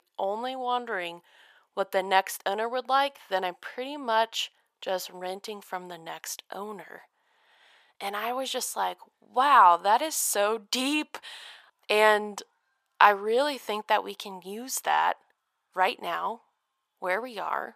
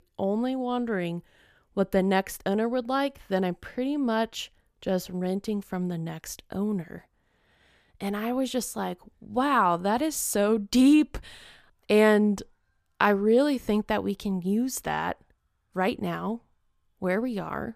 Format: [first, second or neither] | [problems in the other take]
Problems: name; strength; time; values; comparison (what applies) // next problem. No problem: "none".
second | thin; very; fading below 650 Hz